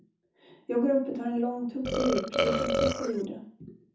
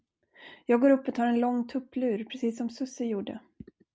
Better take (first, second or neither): second